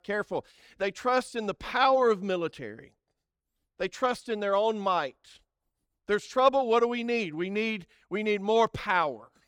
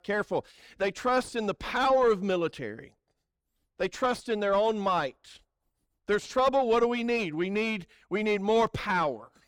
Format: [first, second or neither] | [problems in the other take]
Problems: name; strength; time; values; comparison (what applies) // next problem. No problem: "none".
first | distortion; slight; 10 dB below the speech